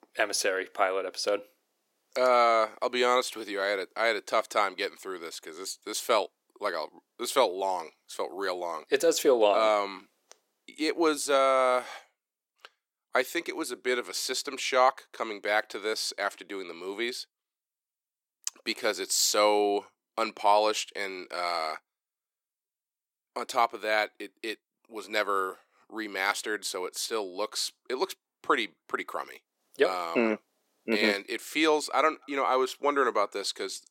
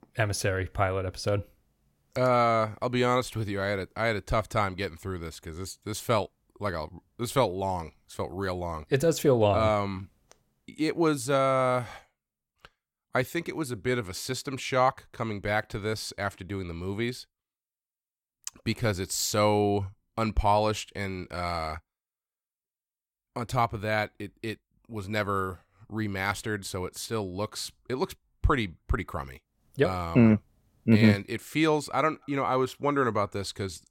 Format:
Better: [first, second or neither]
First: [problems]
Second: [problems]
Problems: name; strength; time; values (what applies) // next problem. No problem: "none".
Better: second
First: thin; somewhat; fading below 350 Hz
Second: none